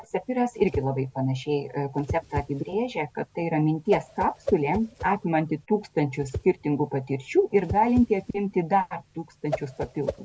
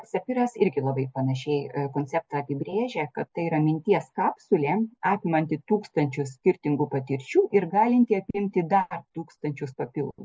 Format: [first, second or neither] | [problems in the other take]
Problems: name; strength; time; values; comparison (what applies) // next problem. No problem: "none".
second | background sound (Whoosh, swoosh, swish); 12 dB below the speech